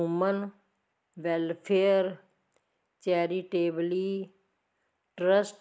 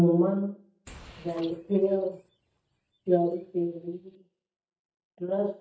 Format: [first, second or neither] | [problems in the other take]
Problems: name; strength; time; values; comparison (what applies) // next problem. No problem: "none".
first | noise reduction (neural mask model DeepFilterNet 3)